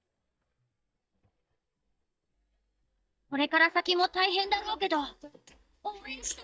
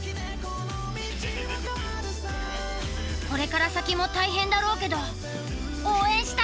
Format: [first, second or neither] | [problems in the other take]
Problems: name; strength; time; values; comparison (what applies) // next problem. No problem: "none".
second | noise reduction (neural mask model DeepFilterNet 3)